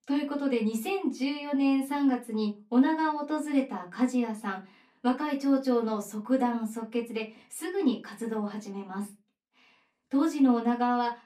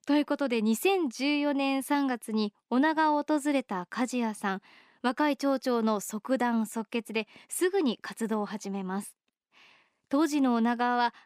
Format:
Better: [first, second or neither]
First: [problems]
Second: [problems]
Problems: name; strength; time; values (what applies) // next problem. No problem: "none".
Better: second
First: off-mic speech; far // room echo; very slight; dies away in 0.2 s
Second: none